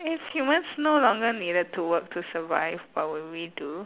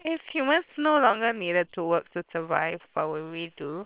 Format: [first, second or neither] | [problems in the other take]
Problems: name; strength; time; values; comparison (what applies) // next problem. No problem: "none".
first | noise reduction (neural separator model SepFormer WHAM!)